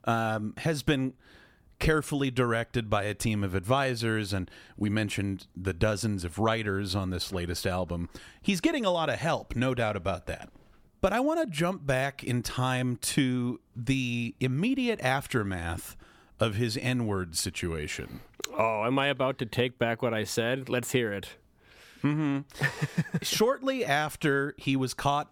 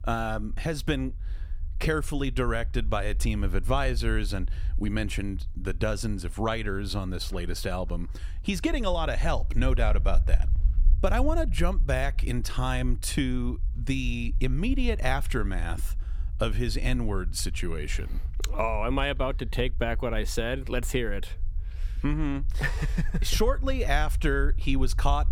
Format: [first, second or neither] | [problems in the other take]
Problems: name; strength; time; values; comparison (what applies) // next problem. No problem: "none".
first | low rumble; faint; throughout; 25 dB below the speech